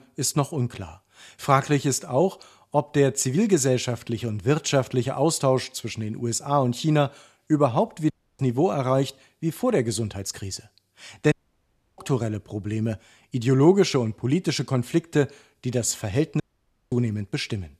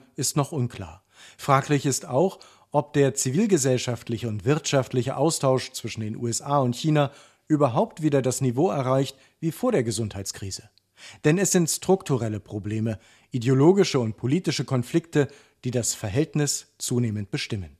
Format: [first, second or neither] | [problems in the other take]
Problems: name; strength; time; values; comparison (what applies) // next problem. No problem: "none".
second | audio cutting out; at 8 s, at 11 s for 0.5 s and at 16 s for 0.5 s